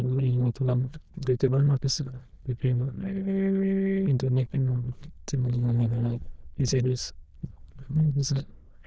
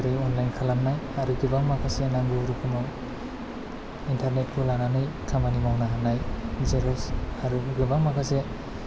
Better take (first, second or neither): second